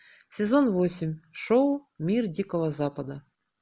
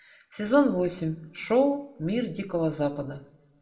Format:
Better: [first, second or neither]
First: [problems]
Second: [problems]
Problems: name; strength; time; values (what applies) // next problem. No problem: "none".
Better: first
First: none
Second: room echo; dies away in 0.4 s